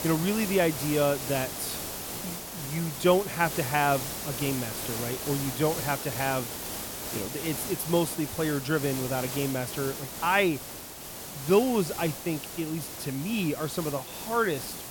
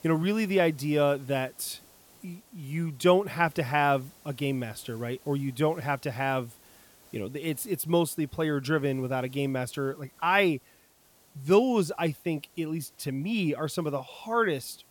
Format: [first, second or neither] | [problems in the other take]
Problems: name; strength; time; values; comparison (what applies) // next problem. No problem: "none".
second | hiss; loud; throughout; 6 dB below the speech; faint in the second